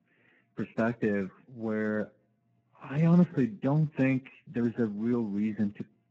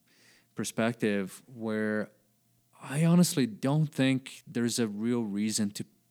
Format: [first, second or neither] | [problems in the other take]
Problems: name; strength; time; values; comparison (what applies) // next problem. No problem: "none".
second | garbled, watery; badly